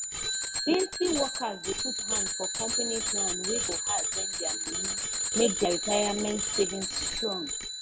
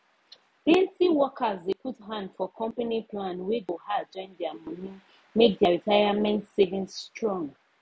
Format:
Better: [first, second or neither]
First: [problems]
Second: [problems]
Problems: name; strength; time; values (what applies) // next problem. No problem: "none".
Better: second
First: background sound (Bicycle bell); 1 dB above the speech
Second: none